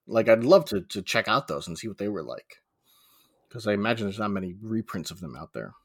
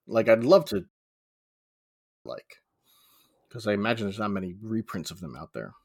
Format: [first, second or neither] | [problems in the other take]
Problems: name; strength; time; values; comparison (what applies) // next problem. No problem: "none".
first | audio cutting out; at 1 s for 1.5 s